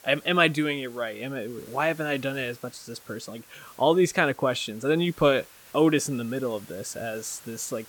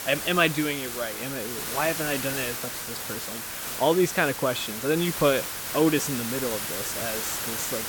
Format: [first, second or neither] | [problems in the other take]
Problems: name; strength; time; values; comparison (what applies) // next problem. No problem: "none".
first | hiss; loud; throughout; 4 dB below the speech; faint in the first